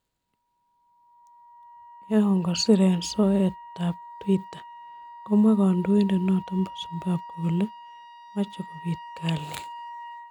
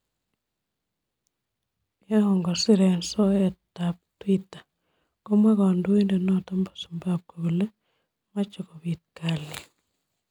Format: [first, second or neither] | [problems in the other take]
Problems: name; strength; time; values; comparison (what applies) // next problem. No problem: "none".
second | background sound (Wind instrument, woodwind instrument); 17 dB below the speech